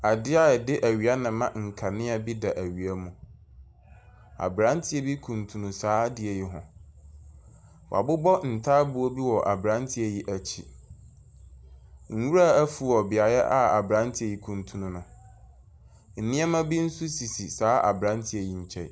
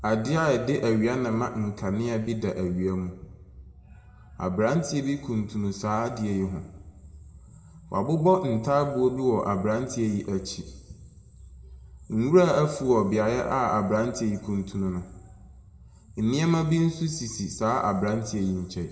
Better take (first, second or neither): first